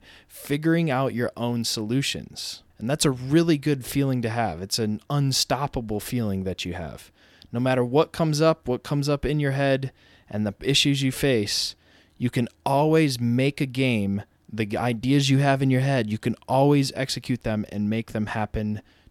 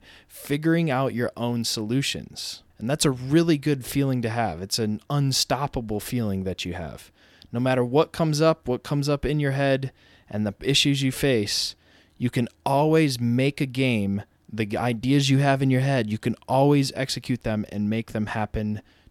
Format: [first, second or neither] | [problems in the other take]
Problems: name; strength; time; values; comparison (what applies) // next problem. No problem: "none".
neither | none